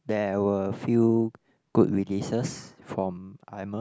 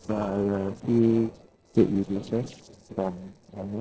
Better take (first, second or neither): first